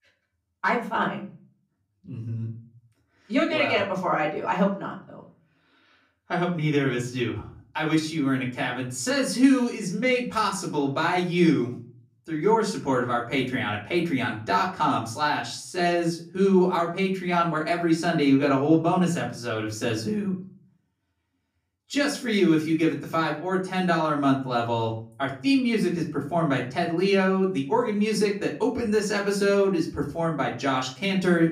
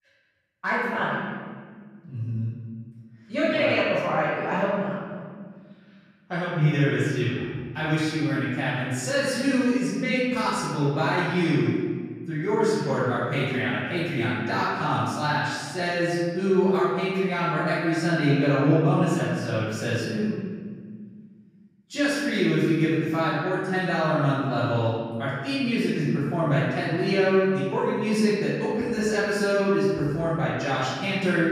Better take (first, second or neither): first